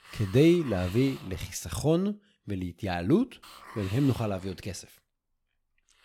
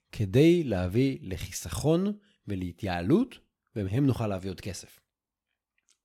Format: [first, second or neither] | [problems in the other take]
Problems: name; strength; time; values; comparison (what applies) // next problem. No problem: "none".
second | hiss; noticeable; until 2 s and from 3.5 s on; 20 dB below the speech